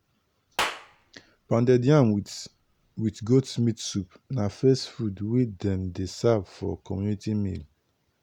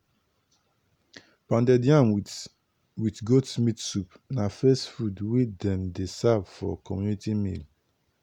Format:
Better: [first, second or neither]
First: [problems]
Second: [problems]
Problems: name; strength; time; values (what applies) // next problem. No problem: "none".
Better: second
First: background sound (Clapping); 12 dB below the speech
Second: none